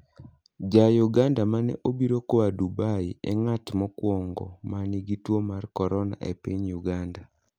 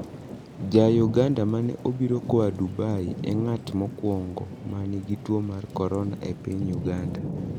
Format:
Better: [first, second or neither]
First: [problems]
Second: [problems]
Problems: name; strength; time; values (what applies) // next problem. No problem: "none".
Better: first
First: none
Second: background sound (Thunder / Rain); 9 dB below the speech